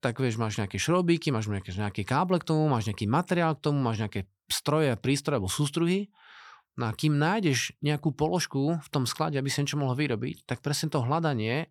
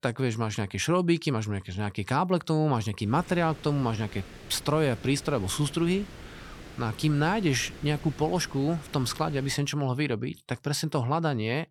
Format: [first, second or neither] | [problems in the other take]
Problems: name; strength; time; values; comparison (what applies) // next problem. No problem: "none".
first | wind noise on the microphone; occasional gusts; from 3 to 9.5 s; 15 dB below the speech